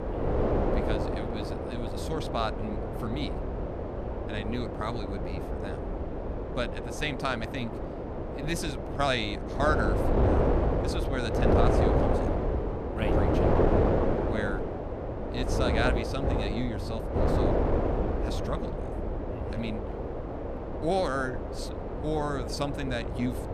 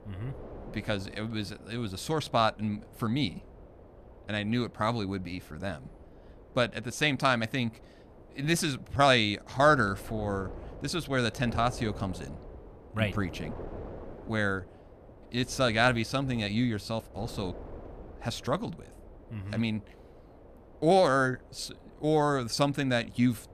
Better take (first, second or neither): second